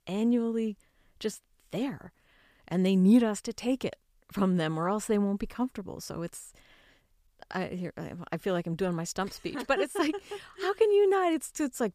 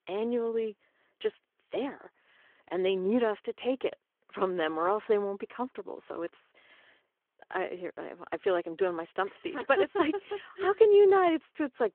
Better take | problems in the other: first | phone-call audio

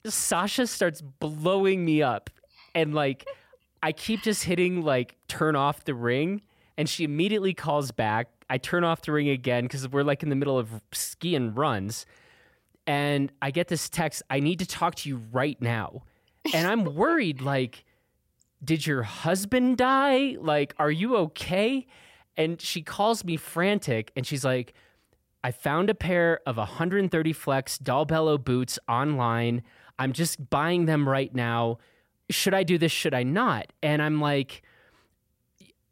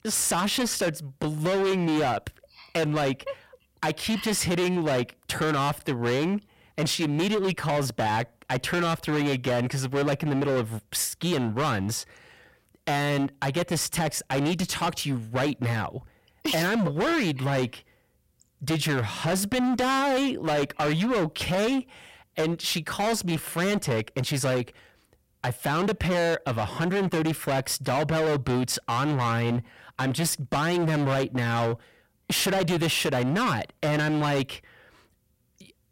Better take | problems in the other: first | distortion; heavy; 23% of the sound clipped

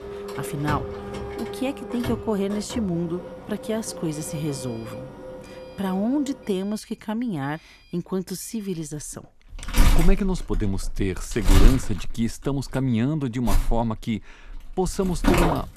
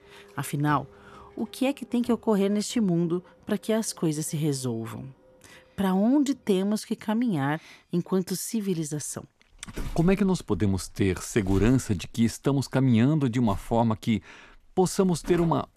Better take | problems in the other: second | household noises; loud; throughout; 2 dB below the speech; faint in the second

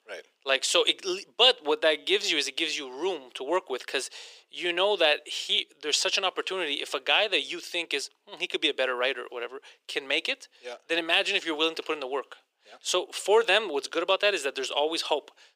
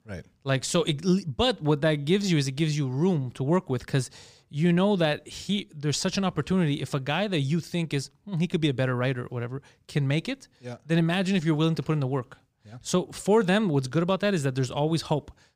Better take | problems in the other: second | thin; very; fading below 400 Hz

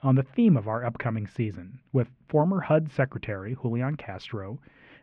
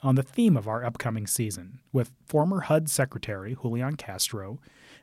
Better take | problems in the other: second | muffled; very; fading above 2.5 kHz

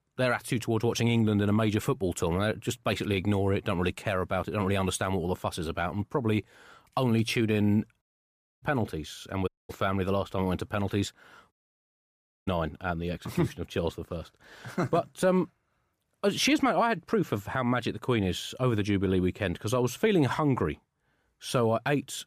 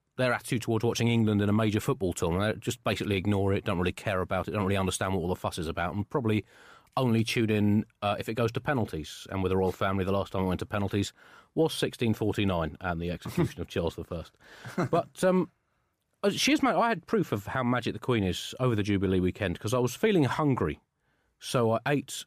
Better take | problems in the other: second | audio cutting out; at 8 s for 0.5 s, at 9.5 s and at 12 s for 1 s

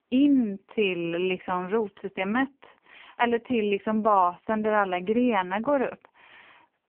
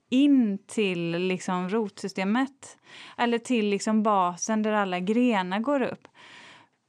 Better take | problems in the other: second | phone-call audio; poor line; nothing above 3 kHz

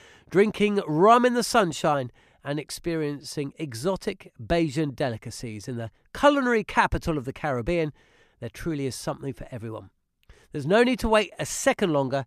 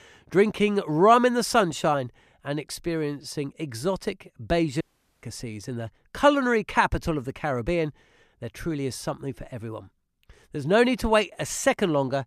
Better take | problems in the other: first | audio cutting out; at 5 s

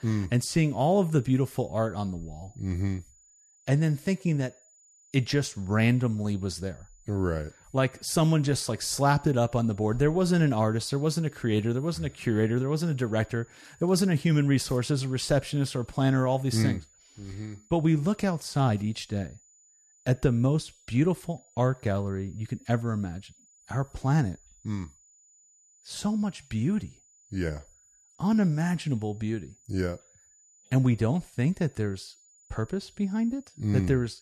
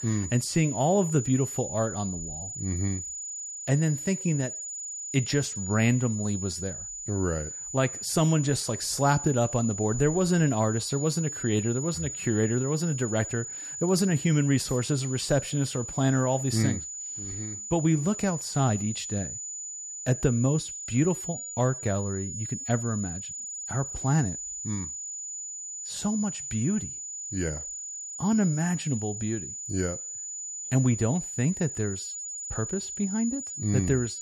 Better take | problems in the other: first | high-pitched whine; loud; throughout; 7 kHz, 6 dB below the speech; faint in the first

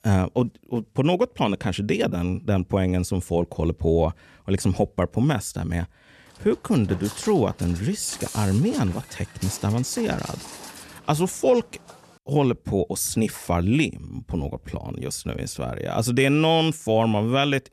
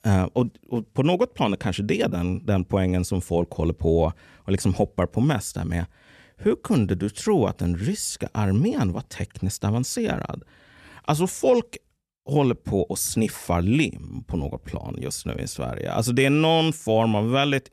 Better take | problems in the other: second | footsteps; noticeable; from 6.5 to 12 s; peak 10 dB below the speech

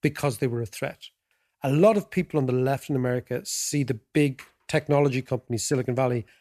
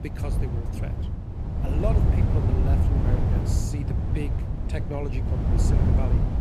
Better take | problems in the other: first | wind noise on the microphone; heavy; 2 dB above the speech

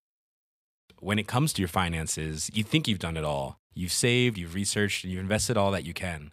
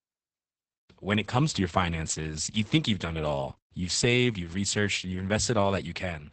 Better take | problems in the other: first | garbled, watery; badly; nothing above 8 kHz

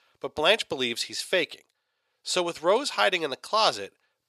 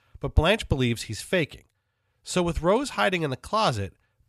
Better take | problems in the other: second | thin; somewhat; fading below 450 Hz

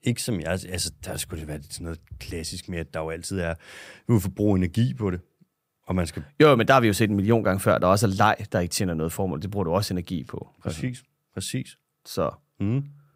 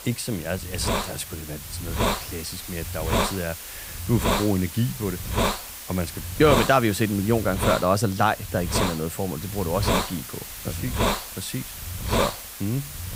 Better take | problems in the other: first | hiss; loud; throughout; 3 dB below the speech

